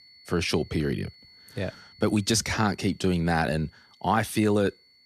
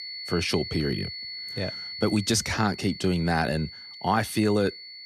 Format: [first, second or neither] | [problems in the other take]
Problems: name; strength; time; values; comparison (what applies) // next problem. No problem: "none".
first | high-pitched whine; loud; throughout; 4.5 kHz, 10 dB below the speech; faint in the first